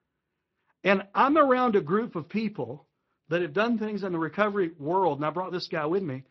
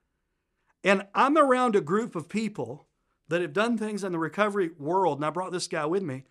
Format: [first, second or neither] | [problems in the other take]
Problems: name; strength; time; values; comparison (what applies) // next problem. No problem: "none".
second | garbled, watery; slightly